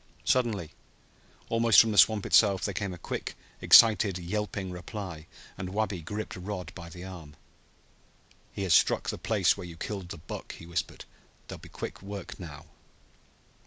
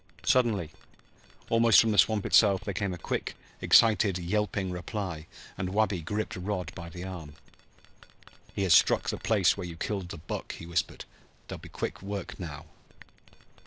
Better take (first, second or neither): first